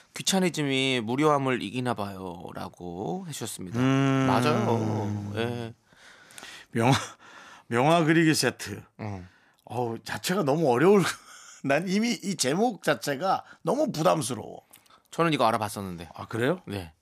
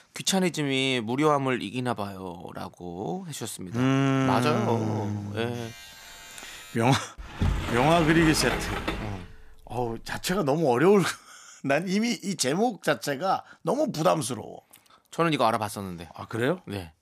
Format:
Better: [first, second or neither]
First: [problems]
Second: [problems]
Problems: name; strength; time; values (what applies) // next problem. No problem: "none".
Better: first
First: none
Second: alarm; faint; from 5.5 to 7 s; peak 15 dB below the speech // door banging; noticeable; from 7 to 10 s; peak 3 dB below the speech